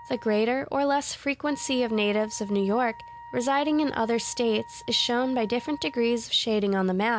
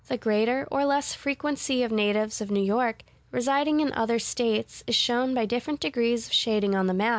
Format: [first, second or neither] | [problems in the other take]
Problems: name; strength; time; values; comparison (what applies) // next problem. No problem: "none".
second | background sound (Wind instrument, woodwind instrument); 20 dB below the speech